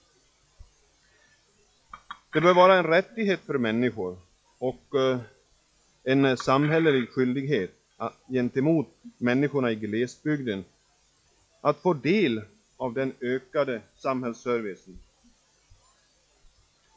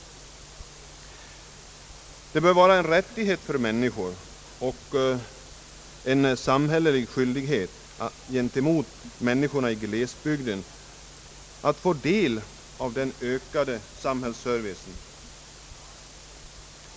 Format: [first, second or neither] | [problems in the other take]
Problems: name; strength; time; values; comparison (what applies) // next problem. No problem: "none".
second | noise reduction (classical method log-MMSE)